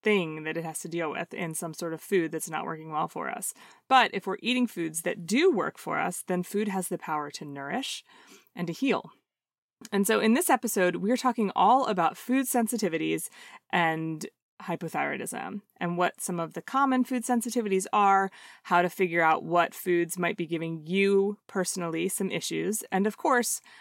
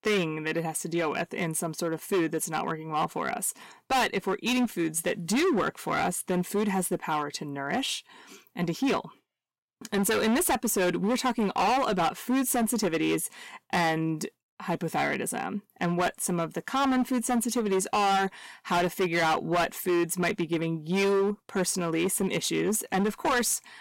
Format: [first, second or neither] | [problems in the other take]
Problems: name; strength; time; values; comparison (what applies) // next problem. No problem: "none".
first | distortion; heavy; 14% of the sound clipped